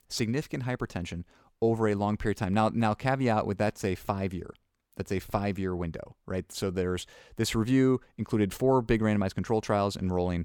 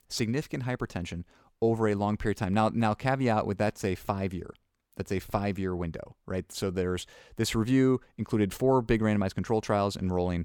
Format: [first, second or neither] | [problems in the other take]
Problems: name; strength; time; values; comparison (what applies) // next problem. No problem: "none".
neither | none